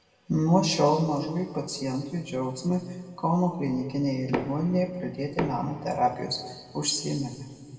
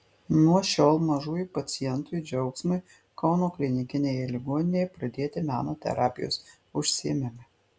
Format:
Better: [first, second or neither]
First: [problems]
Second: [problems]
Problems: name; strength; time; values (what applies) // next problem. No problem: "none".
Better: second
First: background sound (Knock); 8 dB below the speech // room echo; dies away in 1.6 s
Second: none